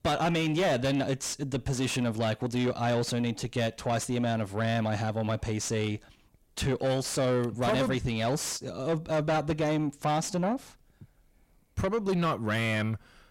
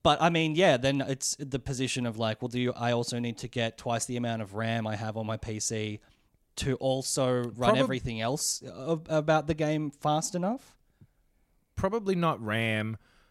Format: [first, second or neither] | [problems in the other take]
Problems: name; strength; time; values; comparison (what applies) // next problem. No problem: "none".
second | distortion; heavy; 7 dB below the speech